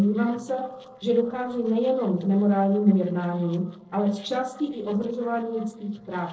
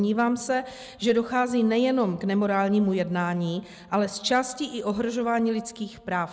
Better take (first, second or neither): second